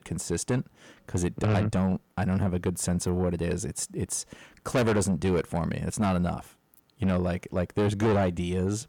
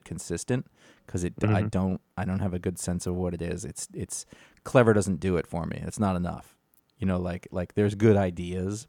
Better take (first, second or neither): second